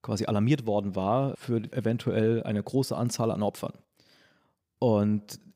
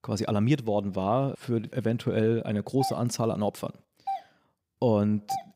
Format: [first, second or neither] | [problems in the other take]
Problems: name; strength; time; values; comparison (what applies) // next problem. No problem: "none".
first | doorbell; noticeable; from 3 s on; peak 7 dB below the speech